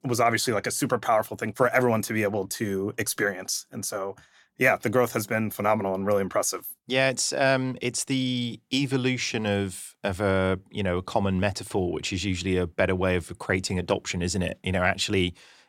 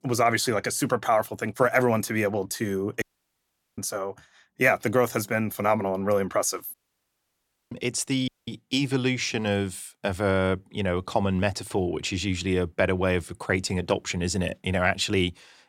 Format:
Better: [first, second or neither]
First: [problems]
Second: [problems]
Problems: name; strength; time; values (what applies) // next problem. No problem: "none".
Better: first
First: none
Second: audio cutting out; at 3 s for 1 s, at 6.5 s for 1 s and at 8.5 s